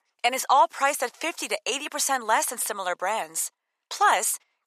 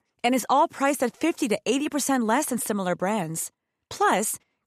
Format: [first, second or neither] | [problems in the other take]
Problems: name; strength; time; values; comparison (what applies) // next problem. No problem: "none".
second | thin; very; fading below 850 Hz